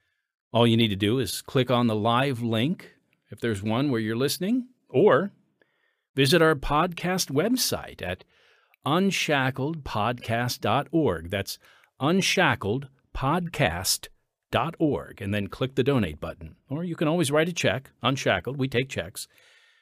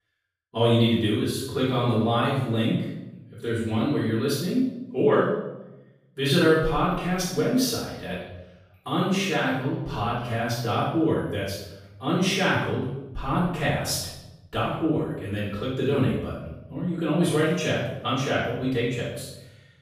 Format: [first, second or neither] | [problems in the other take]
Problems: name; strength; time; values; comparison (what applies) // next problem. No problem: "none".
first | off-mic speech; far // room echo; noticeable; dies away in 0.8 s